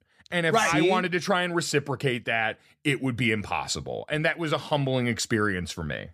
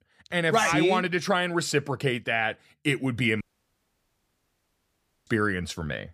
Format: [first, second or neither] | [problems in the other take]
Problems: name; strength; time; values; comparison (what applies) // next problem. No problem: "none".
first | audio cutting out; at 3.5 s for 2 s